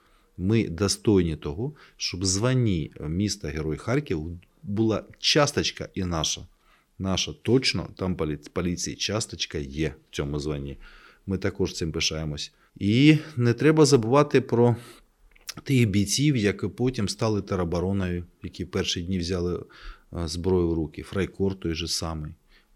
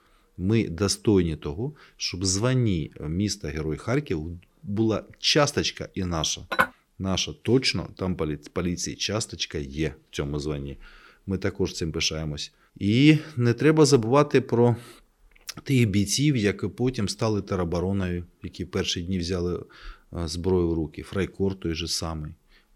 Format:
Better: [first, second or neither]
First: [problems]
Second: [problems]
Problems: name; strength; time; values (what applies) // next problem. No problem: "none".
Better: first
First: none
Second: clattering dishes; loud; at 6.5 s; peak level with the speech